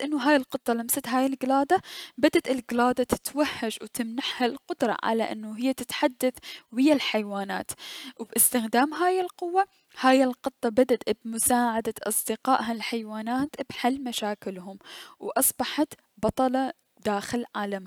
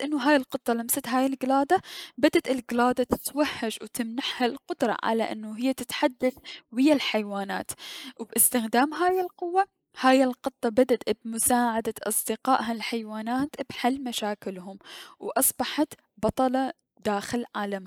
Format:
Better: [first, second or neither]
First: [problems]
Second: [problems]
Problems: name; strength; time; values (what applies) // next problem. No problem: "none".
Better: first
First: none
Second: noise reduction (neural mask model Resemble Enhance denoiser)